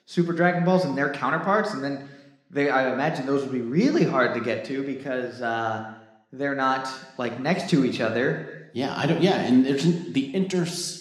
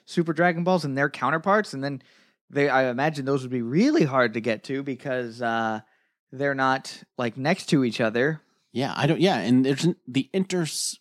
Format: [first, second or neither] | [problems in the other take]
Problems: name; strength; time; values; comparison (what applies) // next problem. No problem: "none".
second | room echo; slight; dies away in 1 s